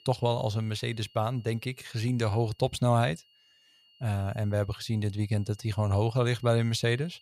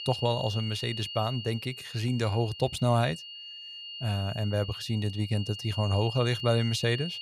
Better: first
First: high-pitched whine; faint; throughout; 3 kHz, 30 dB below the speech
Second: high-pitched whine; loud; throughout; 3 kHz, 9 dB below the speech

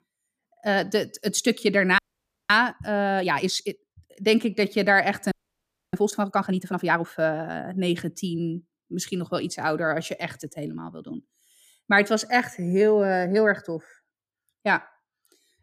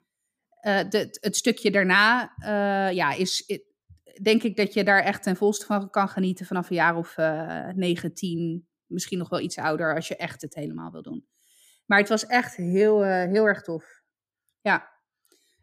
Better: second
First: audio freezing; at 2 s for 0.5 s and at 5.5 s for 0.5 s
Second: none

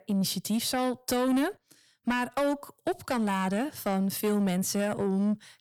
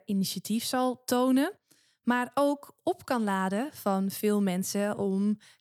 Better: second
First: distortion; slight; 10 dB below the speech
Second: none

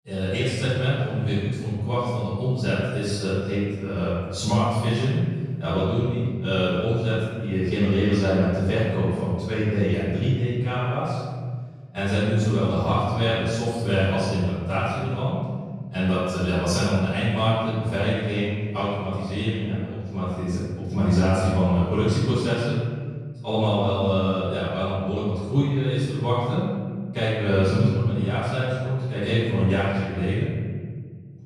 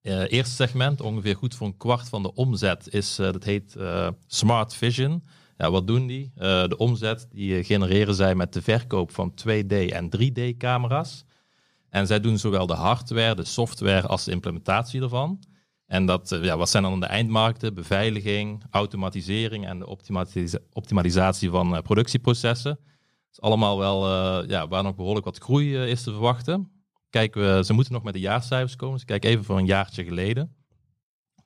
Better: second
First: off-mic speech; far // room echo; strong; dies away in 1.8 s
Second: none

